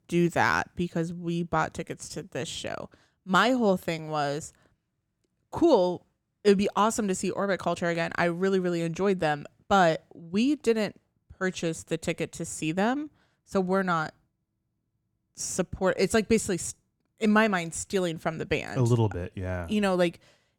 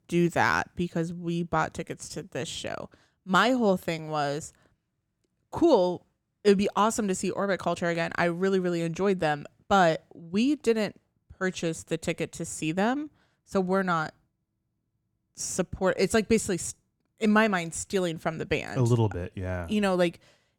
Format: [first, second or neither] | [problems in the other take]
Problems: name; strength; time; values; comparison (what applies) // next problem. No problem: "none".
neither | none